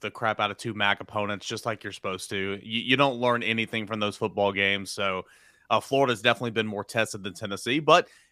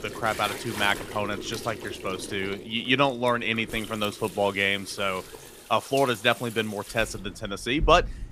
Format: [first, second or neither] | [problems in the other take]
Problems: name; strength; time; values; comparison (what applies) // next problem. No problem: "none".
first | rain or running water; noticeable; throughout; 15 dB below the speech